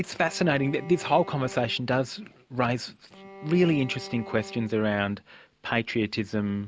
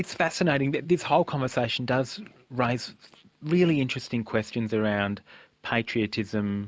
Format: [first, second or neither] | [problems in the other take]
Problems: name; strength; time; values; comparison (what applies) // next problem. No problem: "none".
second | background sound (Bowed string instrument); 18 dB below the speech